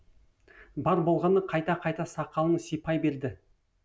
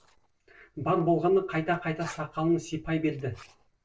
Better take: first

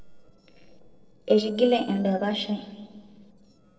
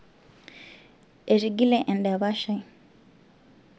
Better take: second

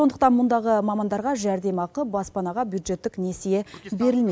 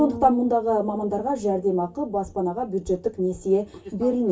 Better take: first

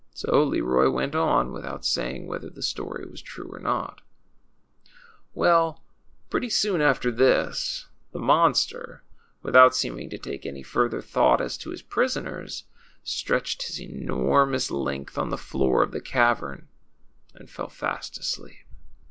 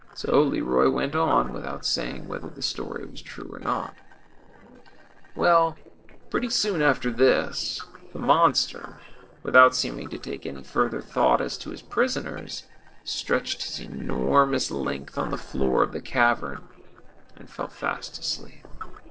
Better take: first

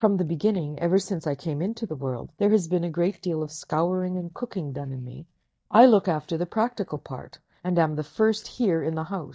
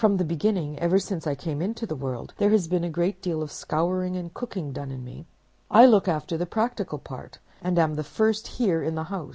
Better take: second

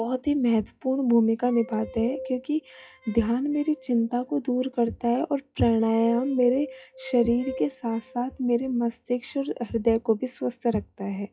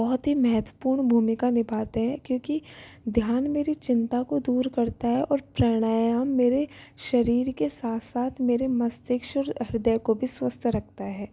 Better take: second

